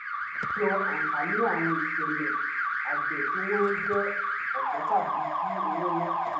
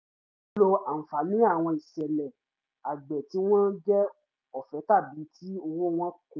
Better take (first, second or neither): second